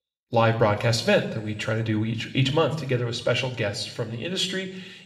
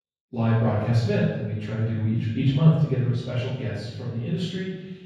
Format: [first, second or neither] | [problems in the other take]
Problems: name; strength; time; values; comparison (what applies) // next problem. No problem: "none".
first | room echo; strong; dies away in 1.4 s; slight in the first // off-mic speech; far